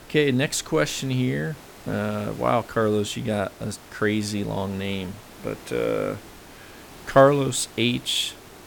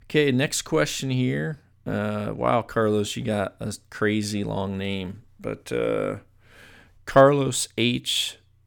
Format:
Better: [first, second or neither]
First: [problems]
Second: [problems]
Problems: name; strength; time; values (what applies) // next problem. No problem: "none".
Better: second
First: hiss; faint; throughout; 20 dB below the speech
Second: none